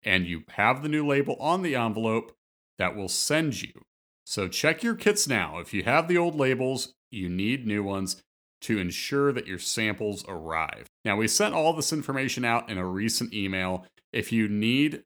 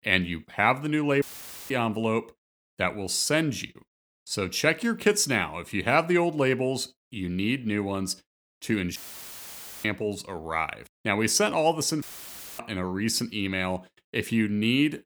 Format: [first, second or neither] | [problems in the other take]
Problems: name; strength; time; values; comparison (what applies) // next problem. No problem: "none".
first | audio cutting out; filled with static; at 1 s, at 9 s for 1 s and at 12 s for 0.5 s